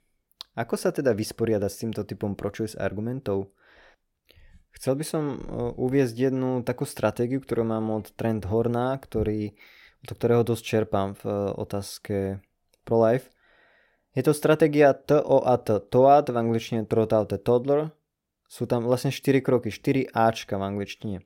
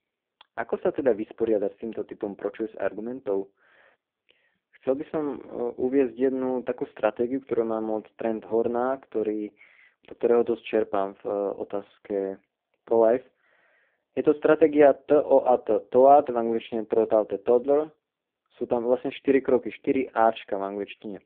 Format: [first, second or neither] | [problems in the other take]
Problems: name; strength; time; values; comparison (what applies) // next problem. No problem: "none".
first | phone-call audio; poor line